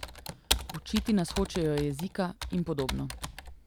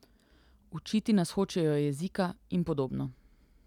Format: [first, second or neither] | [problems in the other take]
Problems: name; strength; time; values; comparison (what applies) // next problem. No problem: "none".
second | background sound (Computer keyboard); 5 dB below the speech